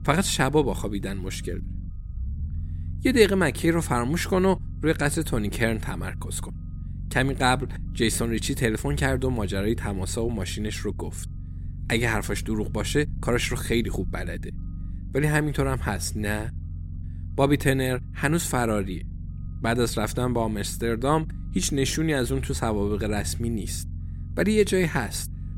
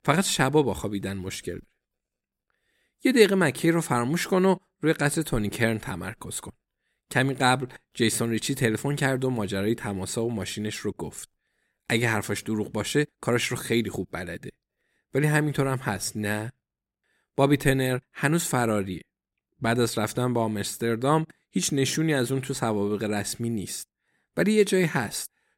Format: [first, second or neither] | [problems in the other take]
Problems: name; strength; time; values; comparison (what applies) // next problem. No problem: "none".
second | low rumble; faint; throughout; 20 dB below the speech